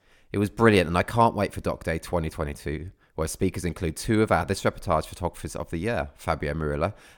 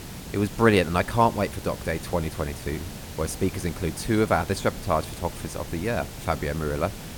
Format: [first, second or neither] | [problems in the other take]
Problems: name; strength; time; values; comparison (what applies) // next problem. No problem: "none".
first | hiss; noticeable; throughout; 10 dB below the speech